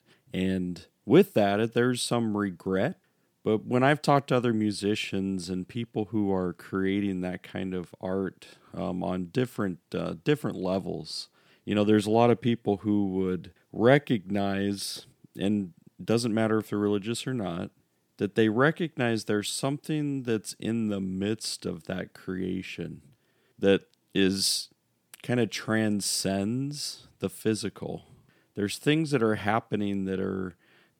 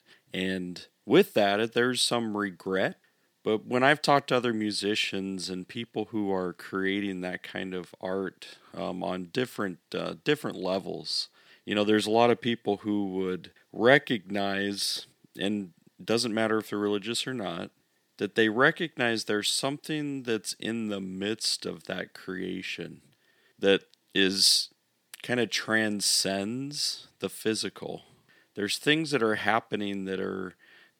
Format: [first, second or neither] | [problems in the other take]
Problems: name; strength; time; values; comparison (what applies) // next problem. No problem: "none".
first | thin; very slightly; fading below 700 Hz